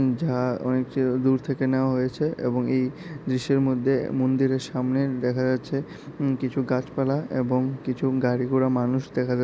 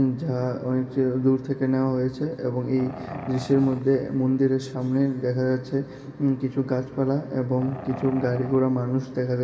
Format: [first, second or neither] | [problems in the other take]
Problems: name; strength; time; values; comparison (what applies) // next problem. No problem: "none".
first | background sound (Growling); 13 dB below the speech // room echo; dies away in 2.2 s